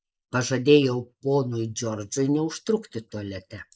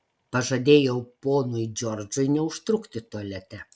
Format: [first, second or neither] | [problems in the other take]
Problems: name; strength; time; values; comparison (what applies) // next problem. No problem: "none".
second | noise reduction (neural mask model Resemble Enhance denoiser)